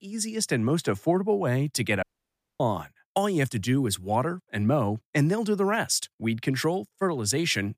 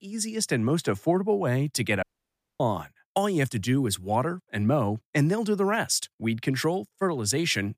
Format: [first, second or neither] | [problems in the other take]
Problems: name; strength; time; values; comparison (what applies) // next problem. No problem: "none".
neither | audio cutting out; at 2 s for 0.5 s; the same in both